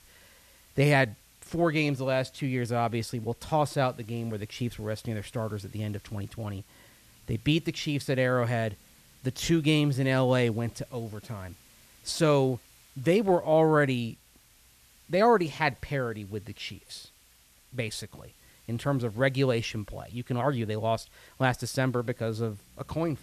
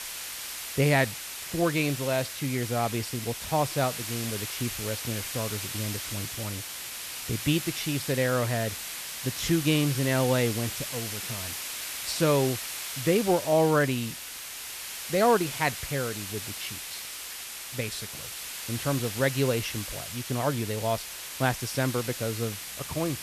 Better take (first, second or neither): first